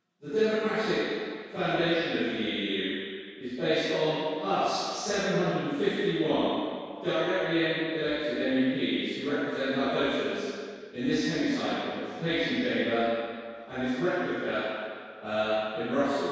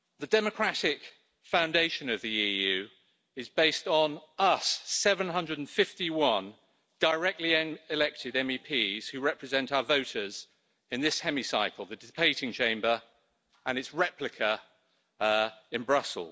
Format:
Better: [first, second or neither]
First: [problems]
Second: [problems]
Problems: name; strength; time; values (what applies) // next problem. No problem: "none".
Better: second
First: room echo; dies away in 2 s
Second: none